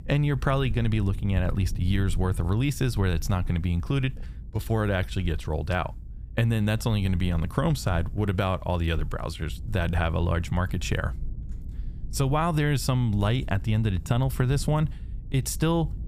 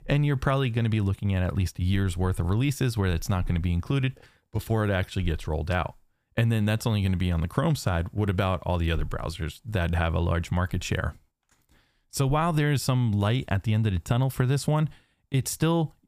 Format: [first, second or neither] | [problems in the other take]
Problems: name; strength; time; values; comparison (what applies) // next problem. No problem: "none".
second | low rumble; faint; throughout; 20 dB below the speech